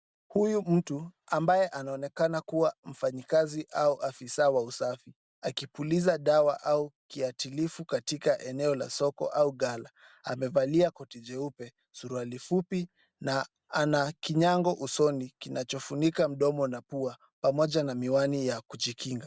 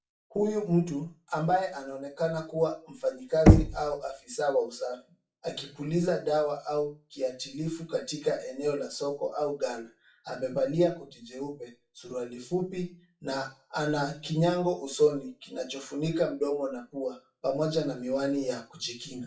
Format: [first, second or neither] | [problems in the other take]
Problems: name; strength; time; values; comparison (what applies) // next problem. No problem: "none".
first | noise reduction (classical method WPE with log-MMSE)